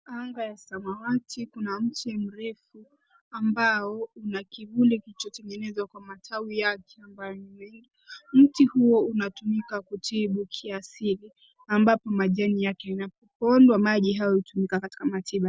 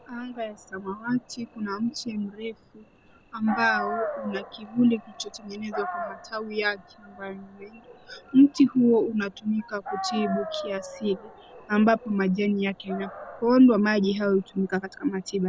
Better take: first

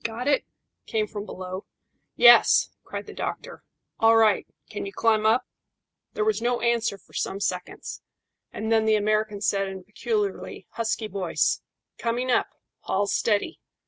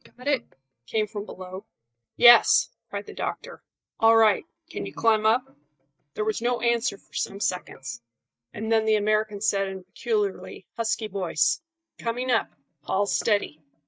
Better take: first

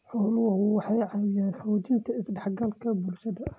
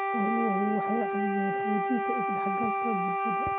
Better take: first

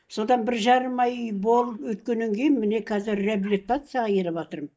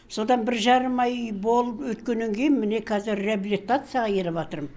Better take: second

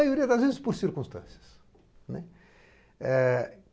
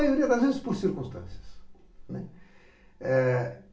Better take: first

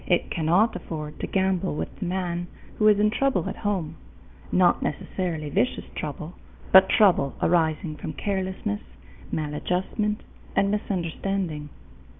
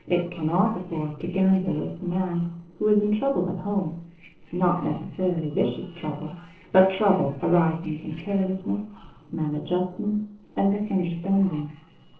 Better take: first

